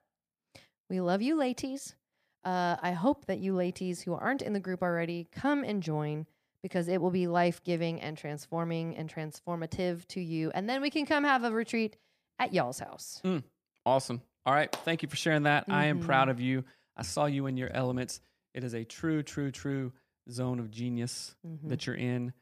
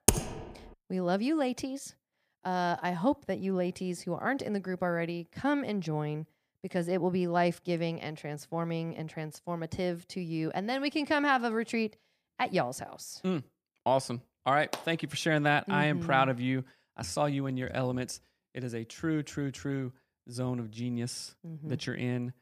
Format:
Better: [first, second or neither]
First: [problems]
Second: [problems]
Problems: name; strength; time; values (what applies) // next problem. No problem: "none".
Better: first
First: none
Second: keyboard typing; loud; at the start; peak 5 dB above the speech